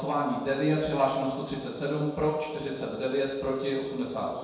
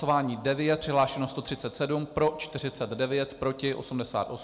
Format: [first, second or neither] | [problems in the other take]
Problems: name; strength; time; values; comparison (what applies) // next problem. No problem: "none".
second | room echo; dies away in 1.1 s